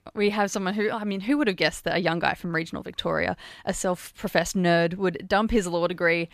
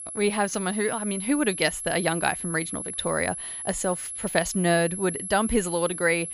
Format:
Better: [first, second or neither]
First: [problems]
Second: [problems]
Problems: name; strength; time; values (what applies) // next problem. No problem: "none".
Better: first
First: none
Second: high-pitched whine; loud; throughout; 11 kHz, 6 dB below the speech